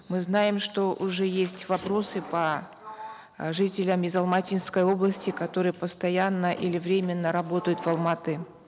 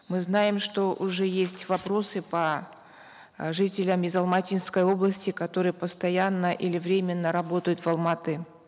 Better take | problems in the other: second | background sound (Sliding door + Subway, metro, underground); 19 dB below the speech

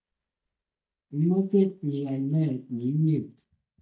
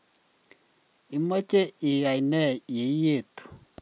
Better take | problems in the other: second | noise reduction (neural mask model DeepFilterNet 3)

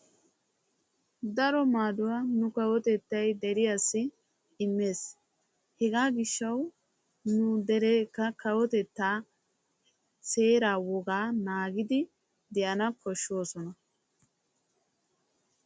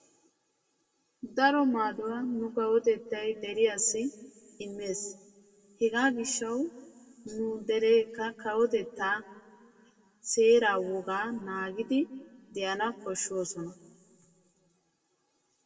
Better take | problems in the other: first | room echo; dies away in 1.7 s

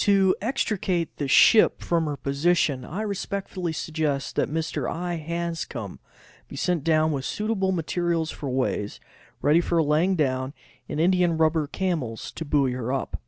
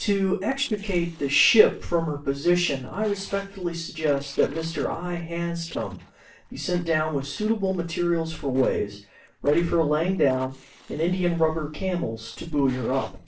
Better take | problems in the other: first | noise reduction (neural separator model SepFormer DNS4)

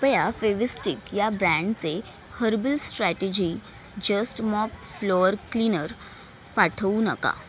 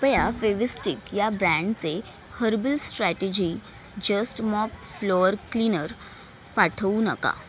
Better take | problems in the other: first | background sound (Bowed string instrument); 12 dB below the speech

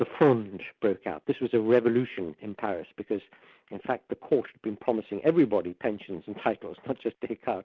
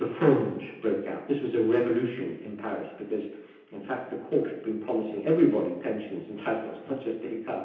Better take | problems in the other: first | room echo; dies away in 0.9 s

